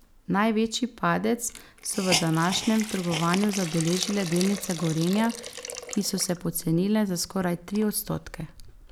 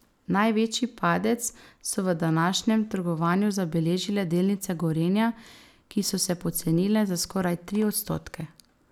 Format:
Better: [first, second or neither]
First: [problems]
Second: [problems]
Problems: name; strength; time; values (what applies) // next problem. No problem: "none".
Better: second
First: background sound (Hiss); 10 dB below the speech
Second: none